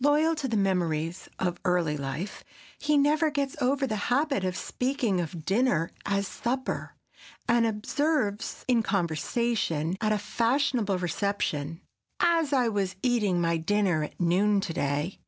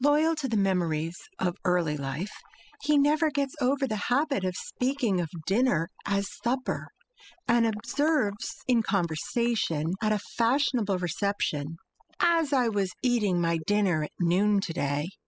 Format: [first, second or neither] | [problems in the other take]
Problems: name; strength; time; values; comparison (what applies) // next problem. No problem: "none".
first | noise reduction (classical method spectral subtraction)